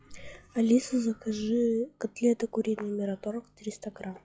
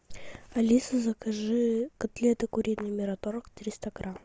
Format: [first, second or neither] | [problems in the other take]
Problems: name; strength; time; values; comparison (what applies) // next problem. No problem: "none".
second | noise reduction (classical method log-MMSE)